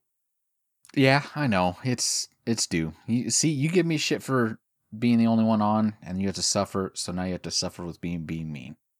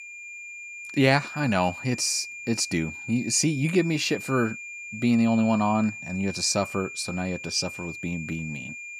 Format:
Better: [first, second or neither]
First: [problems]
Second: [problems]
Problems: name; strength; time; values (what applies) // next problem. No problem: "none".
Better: first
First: none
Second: high-pitched whine; noticeable; throughout; 2.5 kHz, 10 dB below the speech